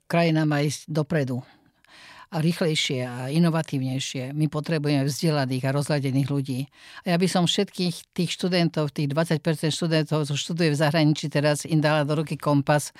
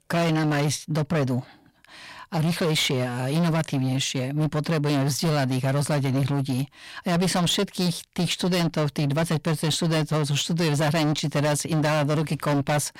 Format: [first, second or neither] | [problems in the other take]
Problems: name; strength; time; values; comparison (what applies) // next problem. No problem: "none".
first | distortion; heavy; 24% of the sound clipped